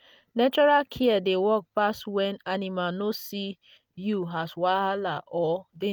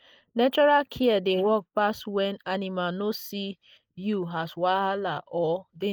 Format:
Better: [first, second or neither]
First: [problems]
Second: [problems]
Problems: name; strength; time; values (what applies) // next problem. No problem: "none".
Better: first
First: none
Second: noise reduction (neural mask model Resemble Enhance denoiser)